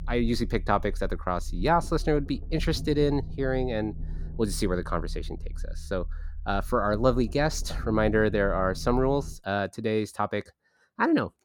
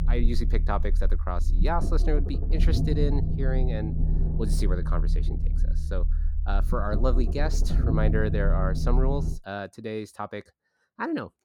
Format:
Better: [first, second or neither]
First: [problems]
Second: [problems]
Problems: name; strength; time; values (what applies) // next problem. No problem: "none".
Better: first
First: low rumble; faint; until 9.5 s; 25 dB below the speech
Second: low rumble; loud; until 9.5 s; 9 dB below the speech